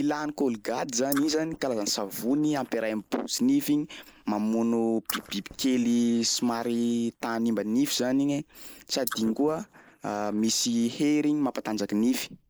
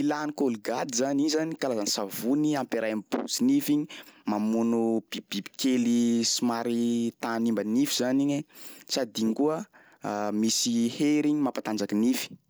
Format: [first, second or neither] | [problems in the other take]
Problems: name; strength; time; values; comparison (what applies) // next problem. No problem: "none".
second | noise reduction (neural mask model Resemble Enhance denoiser)